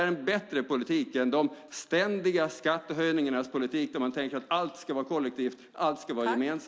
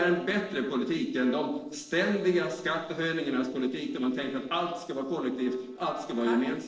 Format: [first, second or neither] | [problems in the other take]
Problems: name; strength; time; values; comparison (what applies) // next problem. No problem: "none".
first | noise reduction (neural separator model SepFormer DNS4)